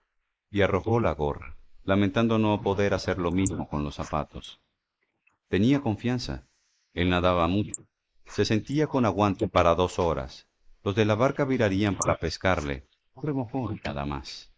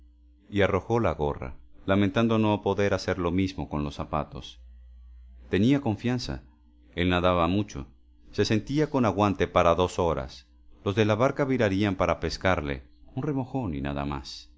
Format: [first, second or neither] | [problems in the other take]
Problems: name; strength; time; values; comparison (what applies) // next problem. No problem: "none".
second | noise reduction (neural mask model Resemble Enhance denoiser)